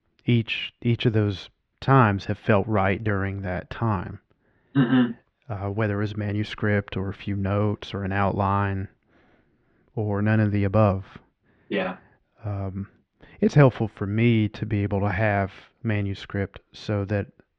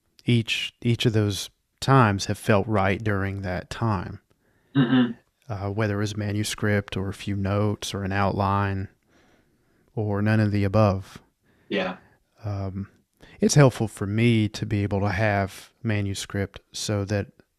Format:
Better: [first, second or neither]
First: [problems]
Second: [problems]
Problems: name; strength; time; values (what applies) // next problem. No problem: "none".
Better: second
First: muffled; slightly; fading above 3 kHz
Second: none